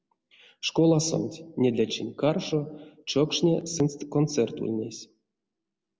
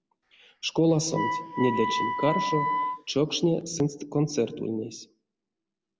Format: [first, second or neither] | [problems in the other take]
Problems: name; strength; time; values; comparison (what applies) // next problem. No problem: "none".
first | background sound (Wind instrument, woodwind instrument); 3 dB below the speech